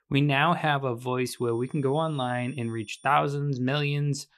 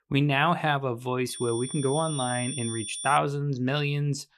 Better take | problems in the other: first | high-pitched whine; loud; from 1.5 to 3 s; 9 kHz, 8 dB below the speech; faint in the first

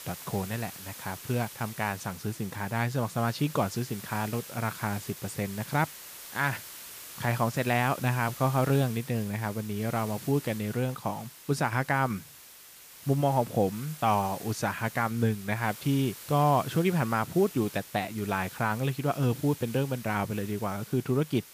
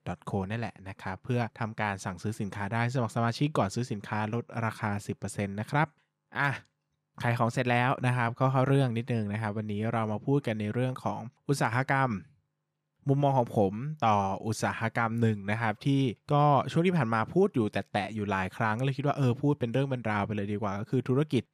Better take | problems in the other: second | hiss; noticeable; throughout; 15 dB below the speech

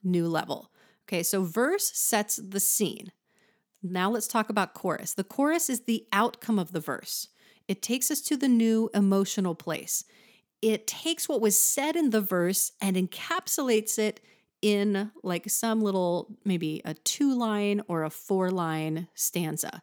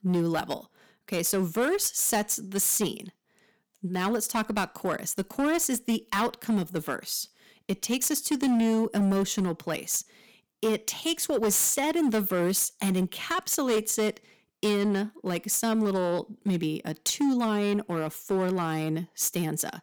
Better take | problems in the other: first | distortion; slight; 9% of the sound clipped

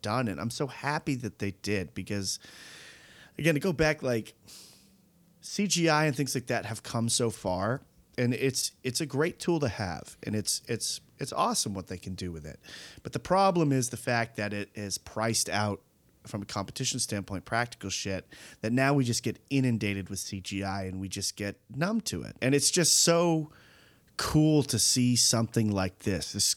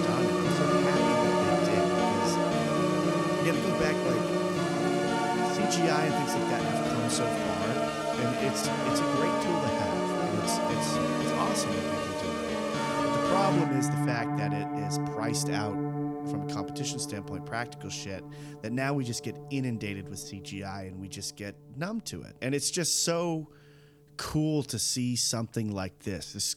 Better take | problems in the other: first | background music; very loud; throughout; 5 dB above the speech

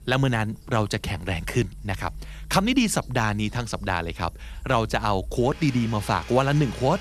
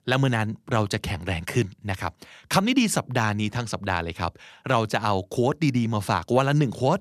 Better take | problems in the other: second | household noises; noticeable; throughout; 15 dB below the speech

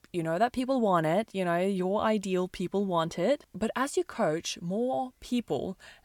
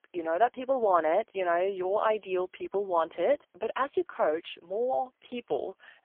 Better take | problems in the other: first | phone-call audio; poor line; nothing above 3.5 kHz

